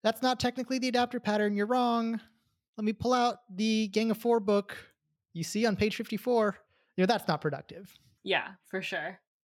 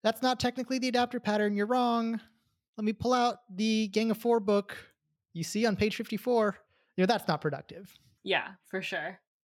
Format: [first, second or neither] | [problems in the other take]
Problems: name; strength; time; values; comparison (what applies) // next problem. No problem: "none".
neither | none